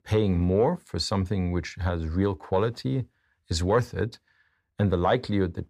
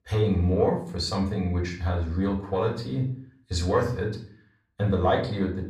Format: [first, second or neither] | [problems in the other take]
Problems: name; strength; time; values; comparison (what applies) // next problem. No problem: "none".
first | room echo; slight; dies away in 0.4 s // off-mic speech; far